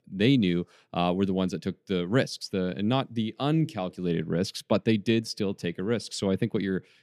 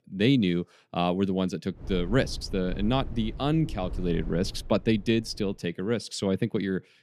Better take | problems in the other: first | low rumble; faint; from 2 to 5.5 s; 20 dB below the speech

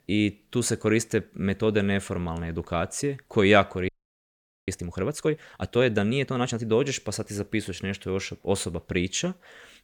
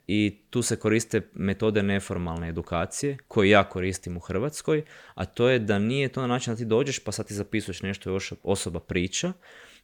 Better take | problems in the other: second | audio freezing; at 4 s for 1 s

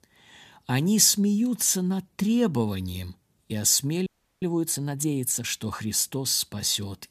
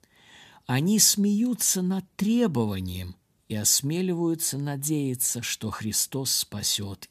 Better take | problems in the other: second | audio freezing; at 4 s

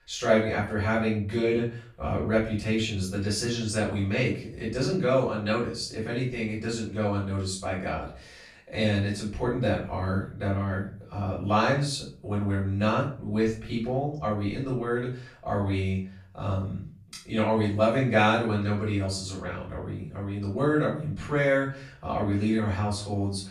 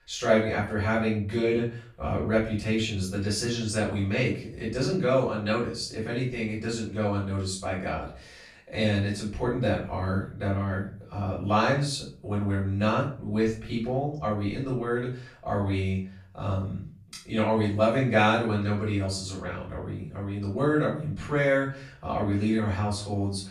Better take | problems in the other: neither | off-mic speech; far; the same in both // room echo; noticeable; dies away in 0.4 s; the same in both

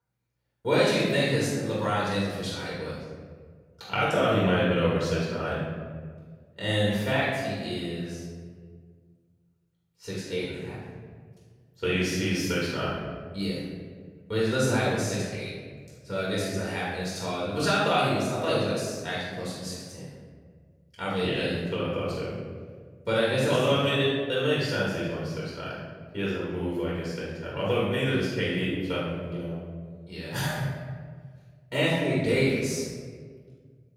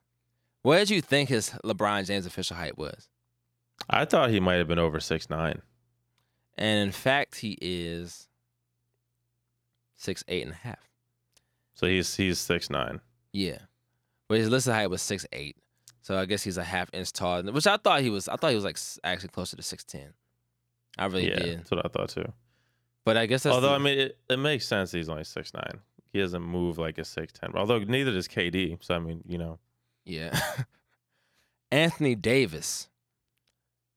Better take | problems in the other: second | off-mic speech; far // room echo; strong; dies away in 1.6 s

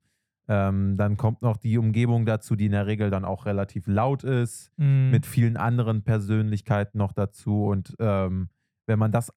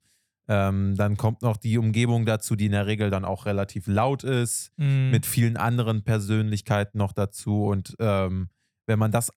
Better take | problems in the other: second | muffled; slightly; fading above 2.5 kHz

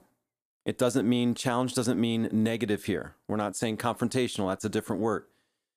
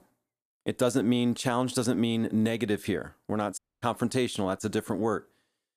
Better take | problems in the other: first | audio cutting out; at 3.5 s

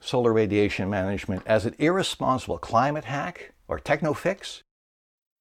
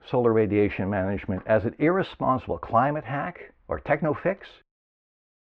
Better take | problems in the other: first | muffled; very; fading above 2 kHz

